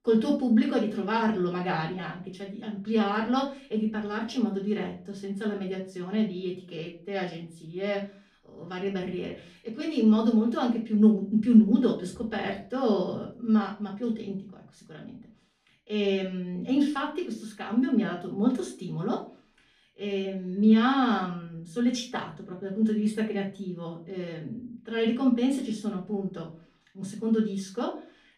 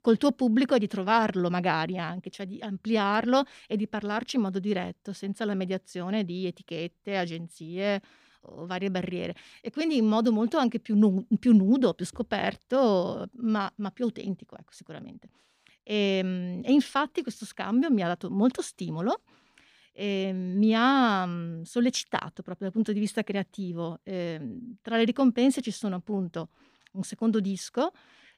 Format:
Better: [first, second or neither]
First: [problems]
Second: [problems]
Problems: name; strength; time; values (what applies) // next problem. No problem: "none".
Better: second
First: off-mic speech; far // room echo; slight; dies away in 0.3 s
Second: none